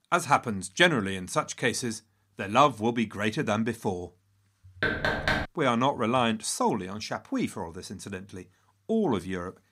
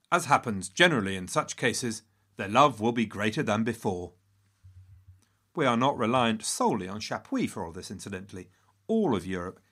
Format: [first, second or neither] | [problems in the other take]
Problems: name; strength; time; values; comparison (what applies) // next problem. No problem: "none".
second | door banging; loud; at 5 s; peak 1 dB above the speech